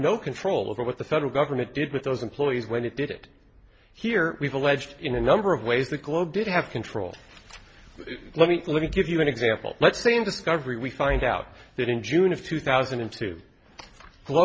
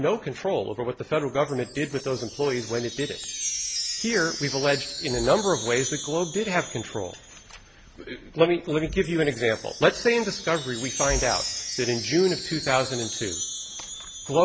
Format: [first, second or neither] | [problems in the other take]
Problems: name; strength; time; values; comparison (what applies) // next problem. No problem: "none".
first | background sound (Wind chime); 9 dB below the speech